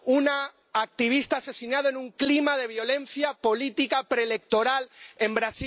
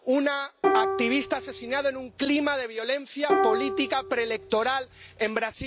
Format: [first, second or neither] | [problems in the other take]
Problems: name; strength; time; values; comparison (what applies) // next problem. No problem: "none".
first | background sound (Plucked string instrument); 2 dB below the speech